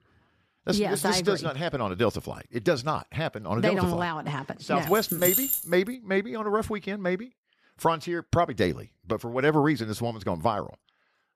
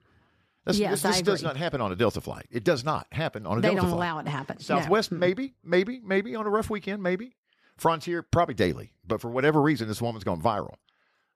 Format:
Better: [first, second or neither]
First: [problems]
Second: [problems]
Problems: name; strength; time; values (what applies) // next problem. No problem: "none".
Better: second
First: jangling keys; loud; at 5 s; peak 4 dB above the speech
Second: none